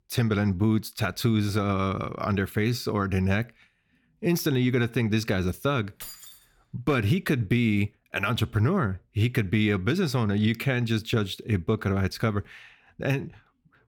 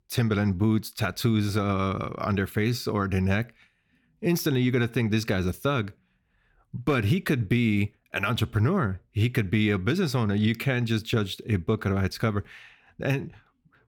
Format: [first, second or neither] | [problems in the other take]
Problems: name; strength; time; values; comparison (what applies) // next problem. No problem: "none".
second | jangling keys; faint; at 6 s; peak 15 dB below the speech